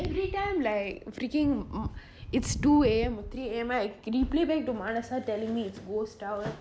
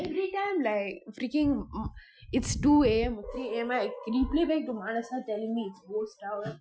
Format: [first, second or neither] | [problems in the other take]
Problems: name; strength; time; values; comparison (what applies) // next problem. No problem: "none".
first | noise reduction (classical method Wiener filter)